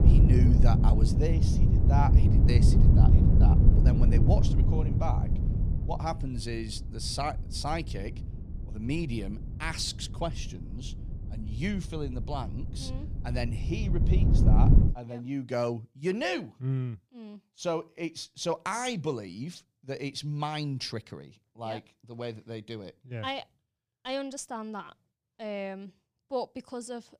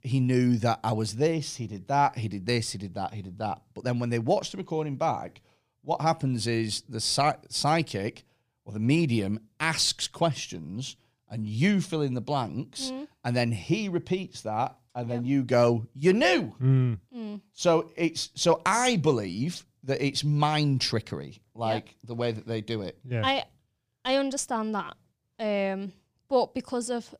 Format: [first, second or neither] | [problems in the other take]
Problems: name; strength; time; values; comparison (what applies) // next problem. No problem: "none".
second | wind noise on the microphone; heavy; until 15 s; 1 dB below the speech